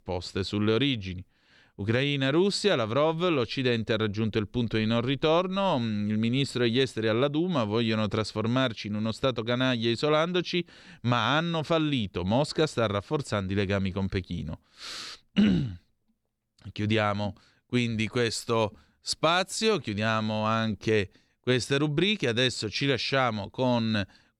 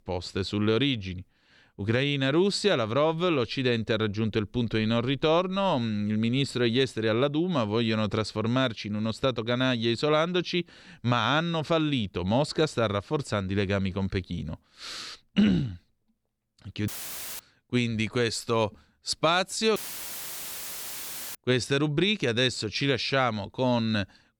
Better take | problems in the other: first | audio cutting out; filled with static; at 17 s for 0.5 s and at 20 s for 1.5 s

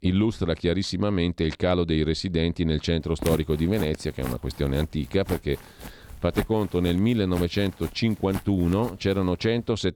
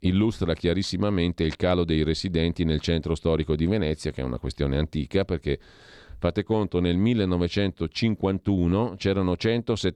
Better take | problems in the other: second | footsteps; noticeable; from 3 s on; peak 7 dB below the speech

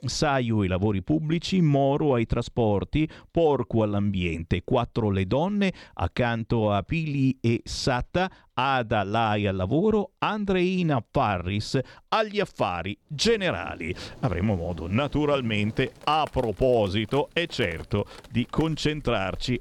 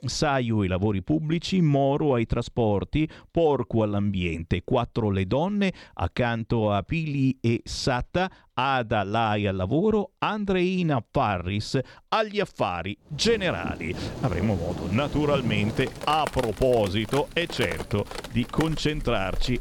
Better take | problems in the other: first | rain or running water; loud; from 13 s on; 10 dB below the speech; faint in the first

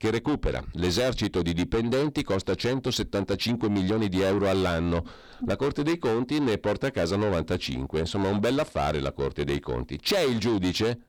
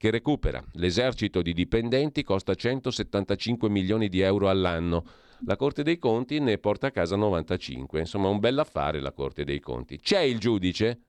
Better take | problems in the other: second | distortion; heavy; 8 dB below the speech

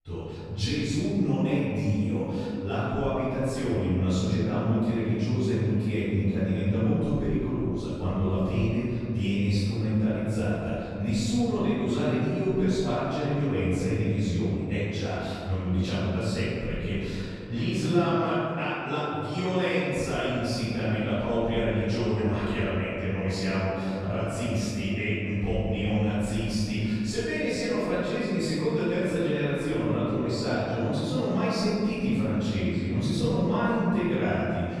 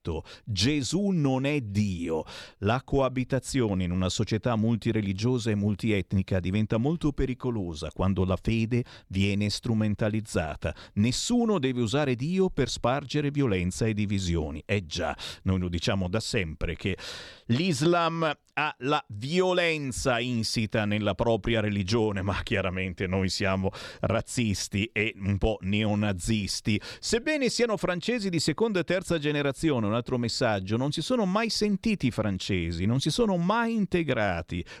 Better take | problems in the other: second | off-mic speech; far // room echo; strong; dies away in 2.7 s

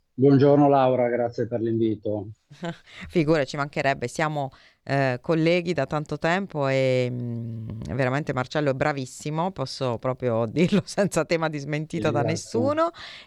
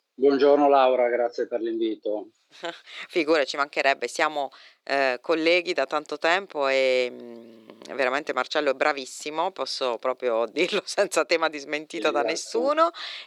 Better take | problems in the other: first | thin; somewhat; fading below 350 Hz

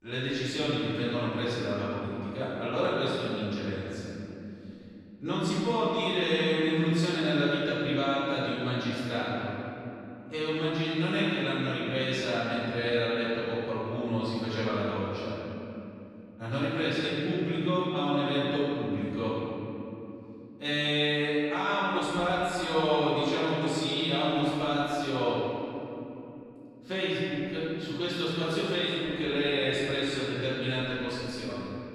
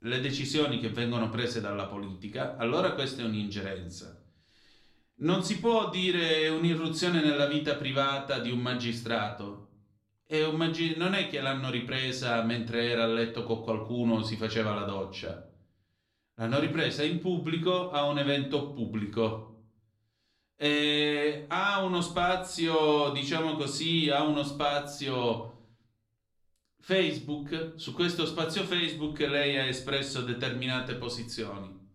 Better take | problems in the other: second | room echo; strong; dies away in 3 s; slight in the second // off-mic speech; far; somewhat distant in the second

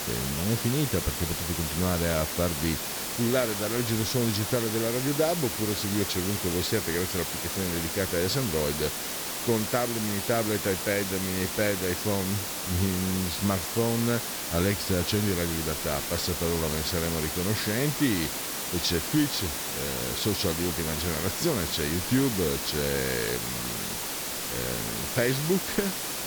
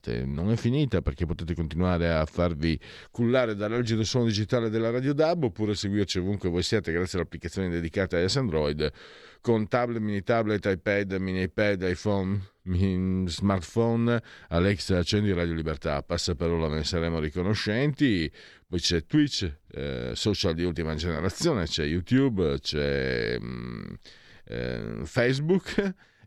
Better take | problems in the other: second | hiss; loud; throughout; 1 dB below the speech

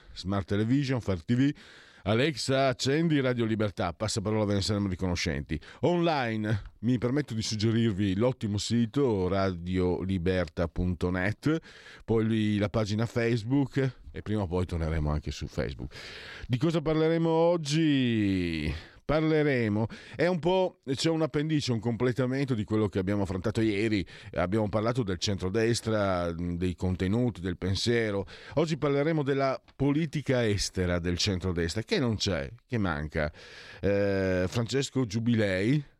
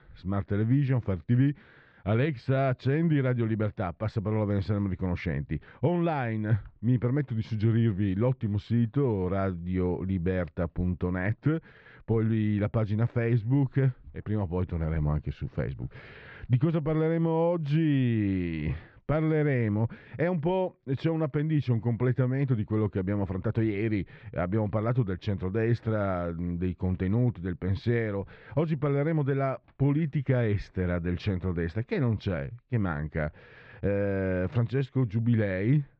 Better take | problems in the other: first | muffled; very; fading above 2.5 kHz

